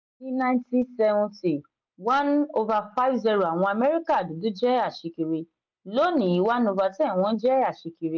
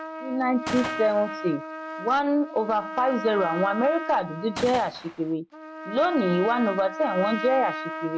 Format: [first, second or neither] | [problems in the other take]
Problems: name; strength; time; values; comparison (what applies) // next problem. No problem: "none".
first | background sound (Trumpet + Gunshot, gunfire); 9 dB below the speech